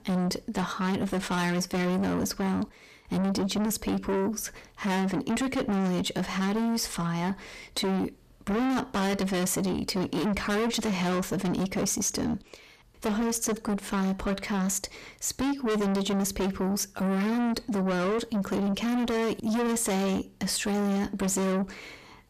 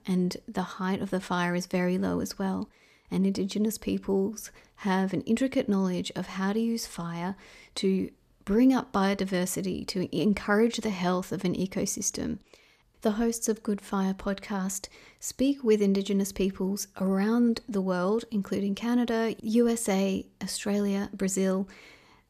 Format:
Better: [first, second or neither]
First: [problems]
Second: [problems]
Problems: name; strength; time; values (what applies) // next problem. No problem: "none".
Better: second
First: distortion; heavy; 6 dB below the speech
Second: none